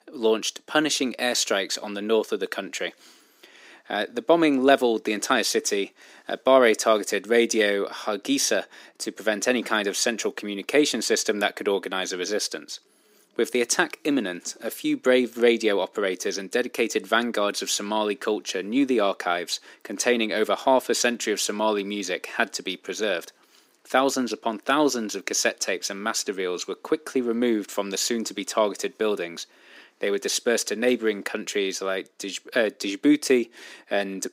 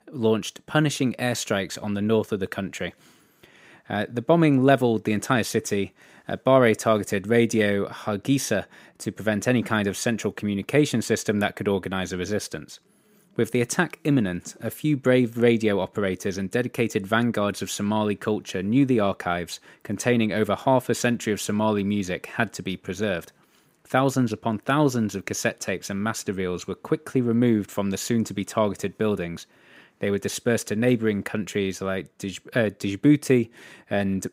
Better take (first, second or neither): second